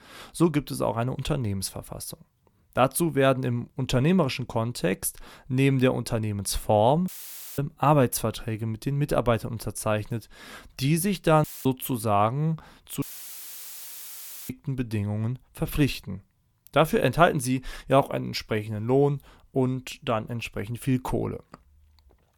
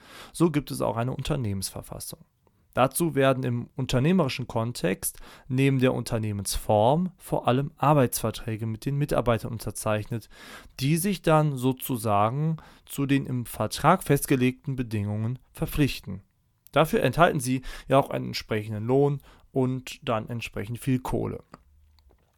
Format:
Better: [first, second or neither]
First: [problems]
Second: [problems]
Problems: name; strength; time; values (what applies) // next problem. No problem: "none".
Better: second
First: audio cutting out; filled with static; at 7 s for 0.5 s, at 11 s and at 13 s for 1.5 s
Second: none